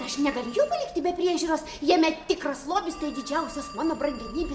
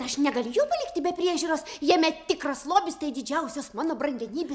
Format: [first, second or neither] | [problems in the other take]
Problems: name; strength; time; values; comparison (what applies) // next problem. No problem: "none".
second | background sound (Telephone); 17 dB below the speech // room echo; dies away in 0.6 s